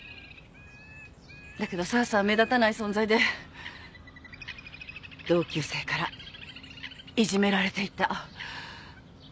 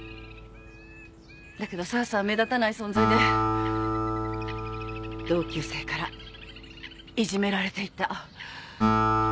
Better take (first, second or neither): first